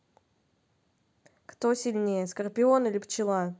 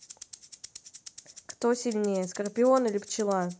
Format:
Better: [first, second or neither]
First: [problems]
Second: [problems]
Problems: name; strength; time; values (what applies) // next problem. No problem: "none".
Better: first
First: none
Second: background sound (Rattle (instrument)); 19 dB below the speech